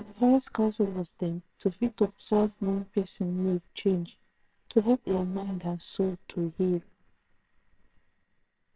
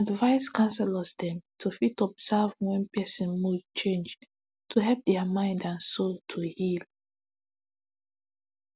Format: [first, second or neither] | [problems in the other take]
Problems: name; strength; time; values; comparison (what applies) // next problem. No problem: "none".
second | noise reduction (neural separator model SepFormer WHAMR!)